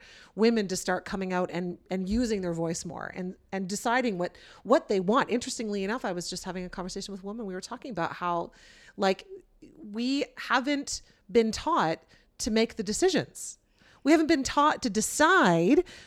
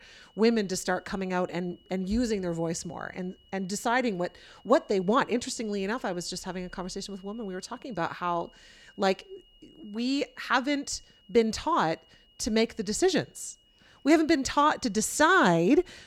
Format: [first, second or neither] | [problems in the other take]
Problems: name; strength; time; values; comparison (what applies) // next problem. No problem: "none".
first | high-pitched whine; faint; throughout; 3 kHz, 30 dB below the speech